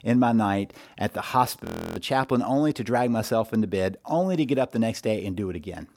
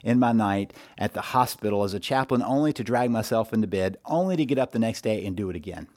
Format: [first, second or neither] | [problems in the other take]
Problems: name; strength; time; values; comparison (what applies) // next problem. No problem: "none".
second | audio freezing; at 1.5 s